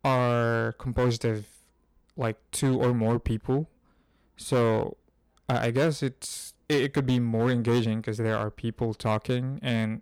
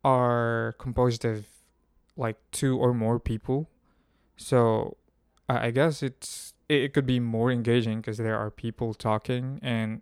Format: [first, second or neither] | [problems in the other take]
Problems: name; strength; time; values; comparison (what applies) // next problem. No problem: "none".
second | distortion; slight; 6% of the sound clipped